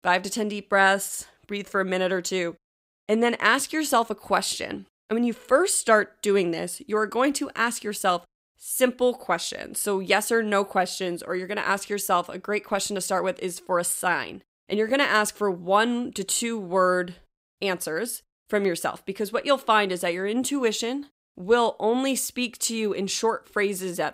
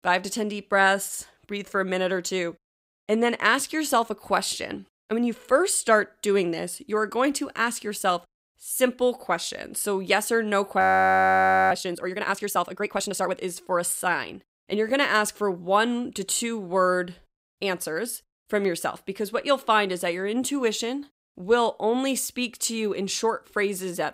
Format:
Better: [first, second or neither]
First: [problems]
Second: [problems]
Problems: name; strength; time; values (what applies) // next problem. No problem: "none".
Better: first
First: none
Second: audio freezing; at 11 s for 1 s